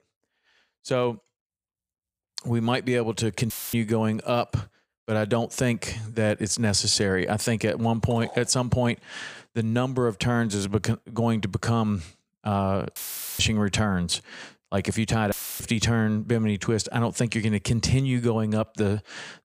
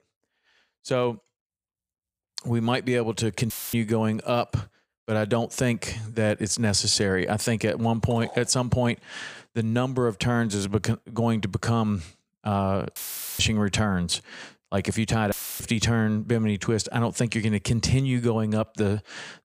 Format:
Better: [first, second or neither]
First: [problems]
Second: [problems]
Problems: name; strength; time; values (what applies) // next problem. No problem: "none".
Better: neither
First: audio cutting out; filled with static; at 3.5 s, at 13 s and at 15 s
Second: audio cutting out; filled with static; at 3.5 s, at 13 s and at 15 s